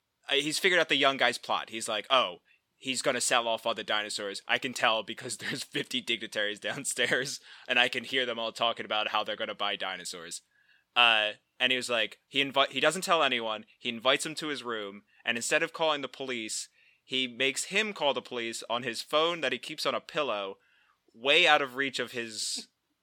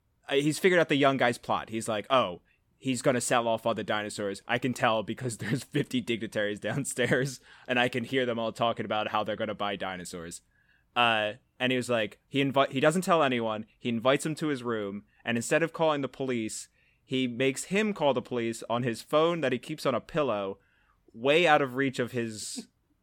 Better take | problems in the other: second | thin; very slightly; fading below 600 Hz

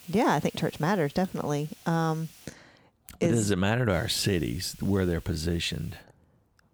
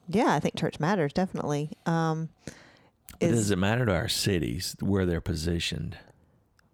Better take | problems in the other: second | hiss; faint; until 2.5 s and from 4 to 6 s; 20 dB below the speech

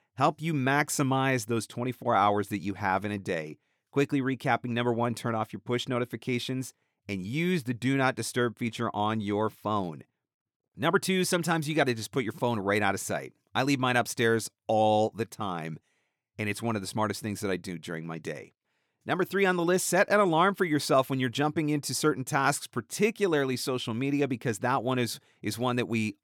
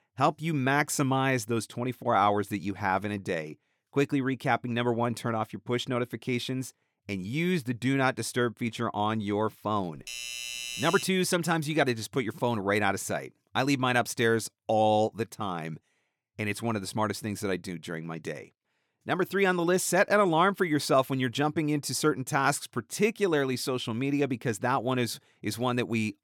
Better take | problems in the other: first | doorbell; noticeable; from 10 to 11 s; peak 5 dB below the speech

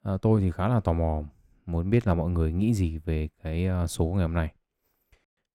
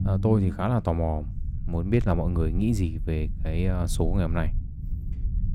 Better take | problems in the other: first | low rumble; noticeable; throughout; 15 dB below the speech

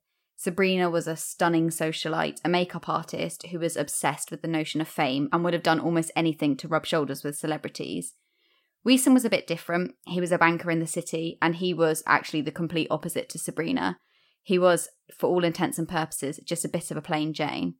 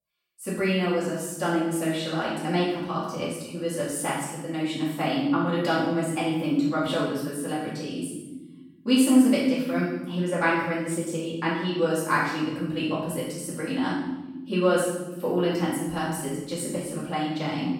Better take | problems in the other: first | off-mic speech; far // room echo; strong; dies away in 1.2 s

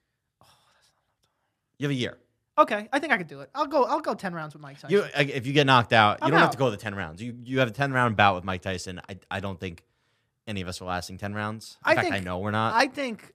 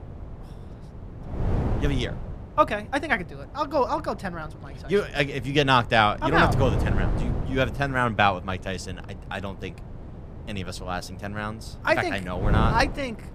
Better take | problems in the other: first | wind noise on the microphone; occasional gusts; 15 dB below the speech

